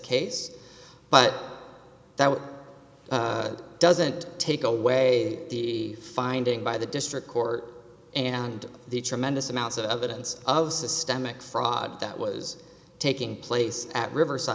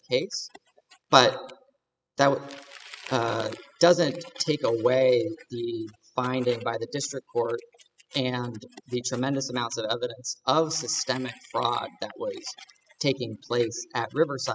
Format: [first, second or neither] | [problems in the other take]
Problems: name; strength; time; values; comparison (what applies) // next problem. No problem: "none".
first | noise reduction (classical method spectral subtraction)